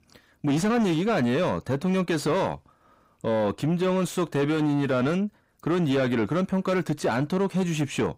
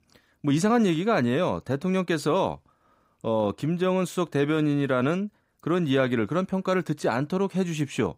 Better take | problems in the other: second | distortion; slight; 10 dB below the speech

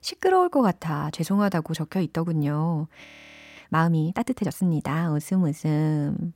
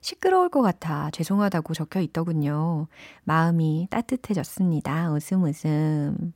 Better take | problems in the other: second | audio freezing; at 3 s for 0.5 s

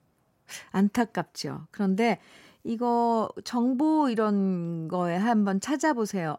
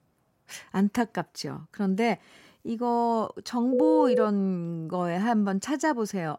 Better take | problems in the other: first | phone ringing; loud; at 3.5 s; peak 4 dB above the speech

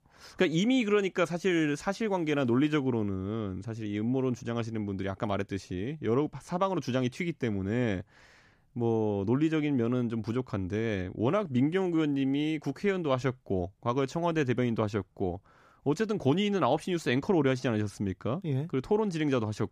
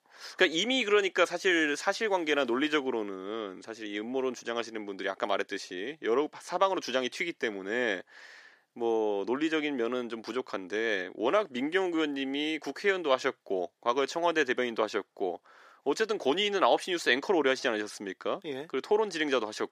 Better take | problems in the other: first | thin; somewhat; fading below 400 Hz

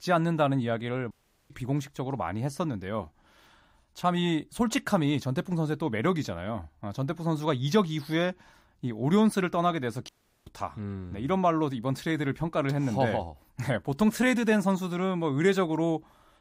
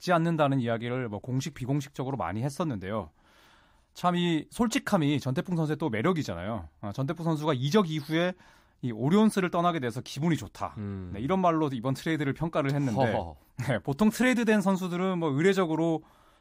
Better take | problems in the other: second | audio cutting out; at 1 s and at 10 s

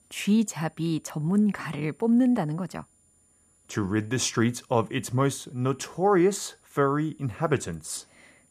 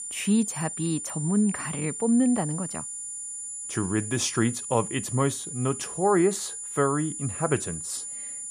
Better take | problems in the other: first | high-pitched whine; loud; throughout; 9.5 kHz, 6 dB below the speech; faint in the first

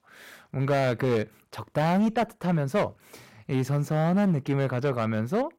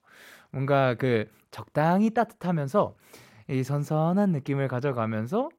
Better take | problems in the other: second | distortion; slight; 9% of the sound clipped

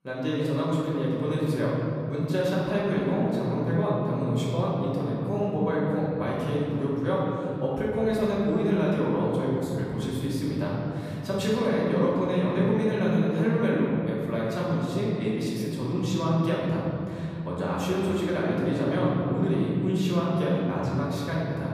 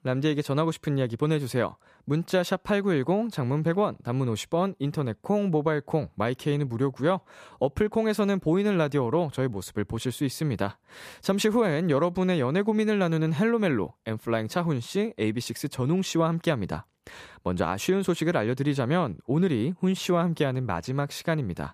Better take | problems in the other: second | room echo; strong; dies away in 3 s // off-mic speech; far

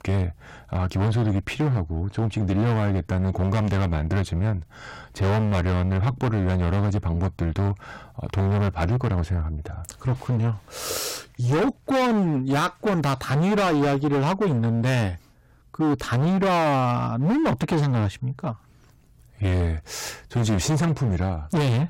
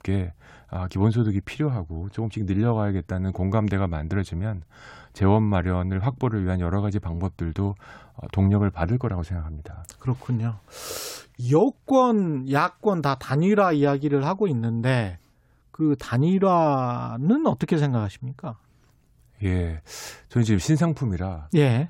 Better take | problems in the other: second | distortion; heavy; 23% of the sound clipped

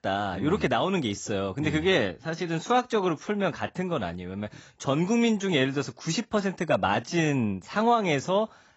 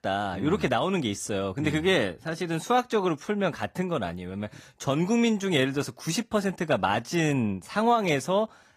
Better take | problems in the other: second | garbled, watery; badly; nothing above 7.5 kHz; slightly in the second

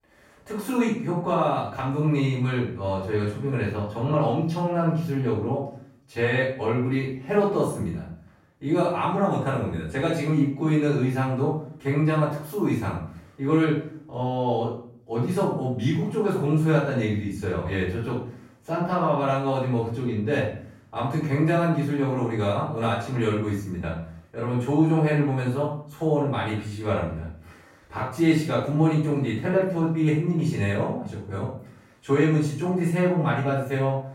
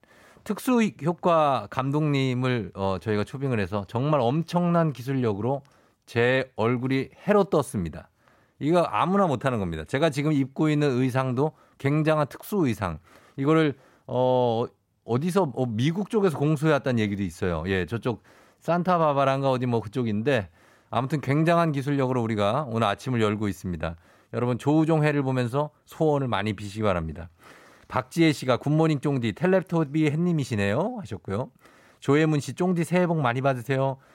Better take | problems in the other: second | off-mic speech; far // room echo; noticeable; dies away in 0.5 s

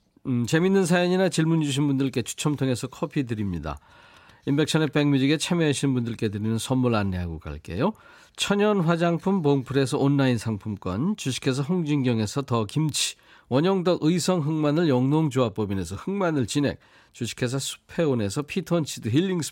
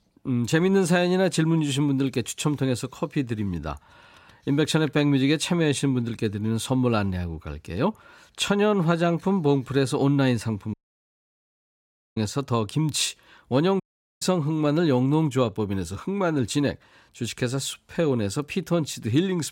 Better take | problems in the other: first | audio cutting out; at 11 s for 1.5 s and at 14 s

